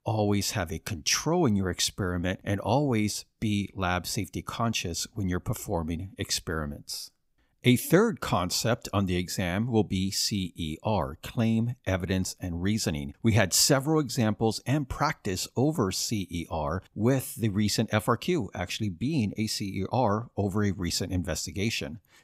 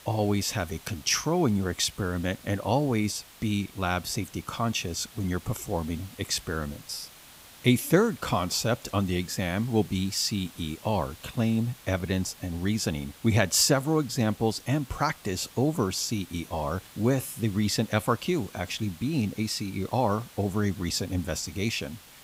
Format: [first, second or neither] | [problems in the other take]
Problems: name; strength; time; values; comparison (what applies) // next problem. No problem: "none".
first | hiss; faint; throughout; 20 dB below the speech